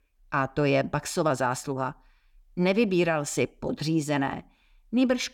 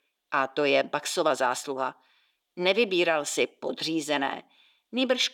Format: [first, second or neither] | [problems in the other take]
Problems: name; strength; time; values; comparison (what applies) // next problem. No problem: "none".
first | thin; somewhat; fading below 400 Hz